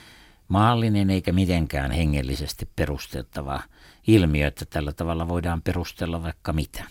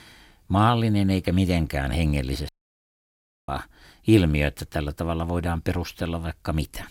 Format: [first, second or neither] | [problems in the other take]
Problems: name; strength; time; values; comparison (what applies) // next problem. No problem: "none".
first | audio cutting out; at 2.5 s for 1 s